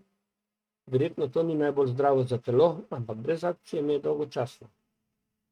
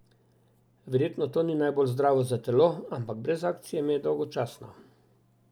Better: second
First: noise reduction (neural mask model RNNoise)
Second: none

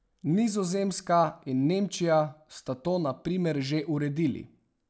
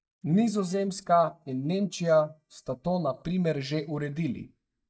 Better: first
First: none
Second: noise reduction (neural mask model DeepFilterNet 3)

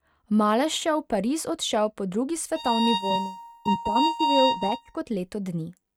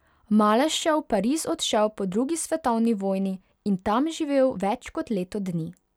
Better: second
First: noise reduction (neural mask model RNNoise)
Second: none

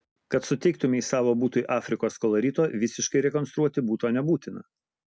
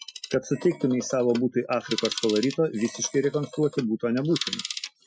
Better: first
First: none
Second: noise reduction (classical method Wiener filter)

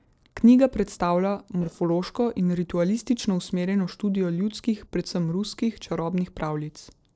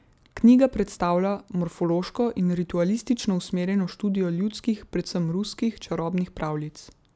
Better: second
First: noise reduction (neural separator model SepFormer DNS4)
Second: none

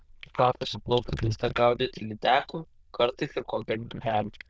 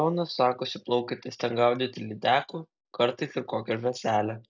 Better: second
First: noise reduction (neural diffusion model UNIVERSE++)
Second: none

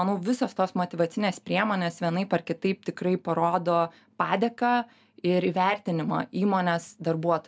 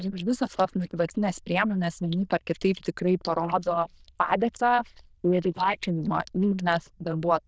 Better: first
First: none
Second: noise reduction (neural diffusion model UNIVERSE++)

